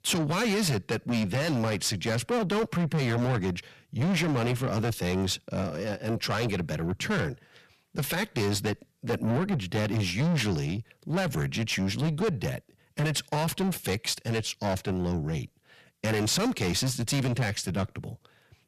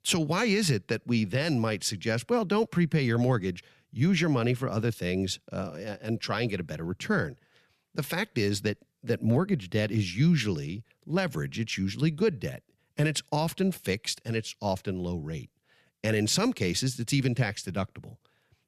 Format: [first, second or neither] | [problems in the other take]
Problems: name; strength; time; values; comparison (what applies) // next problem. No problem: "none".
second | distortion; heavy; 7 dB below the speech